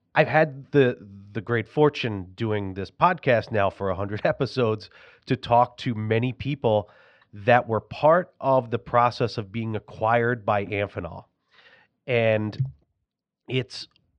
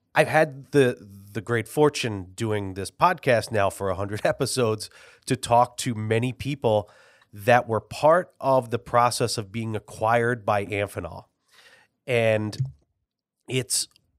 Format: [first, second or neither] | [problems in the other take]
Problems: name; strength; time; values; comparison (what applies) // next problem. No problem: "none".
second | muffled; slightly; fading above 4 kHz